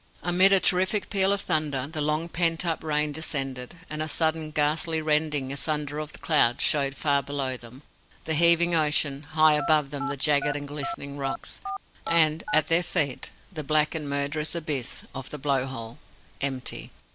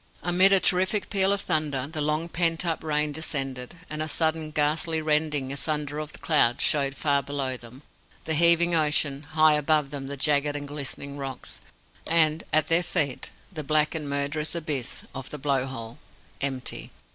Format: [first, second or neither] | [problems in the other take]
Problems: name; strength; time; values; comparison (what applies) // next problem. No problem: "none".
second | background sound (Telephone); 7 dB below the speech